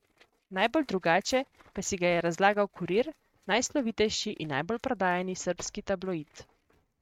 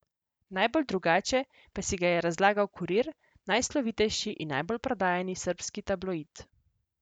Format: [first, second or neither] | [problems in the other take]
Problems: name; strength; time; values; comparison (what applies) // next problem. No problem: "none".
second | noise reduction (neural mask model RNNoise)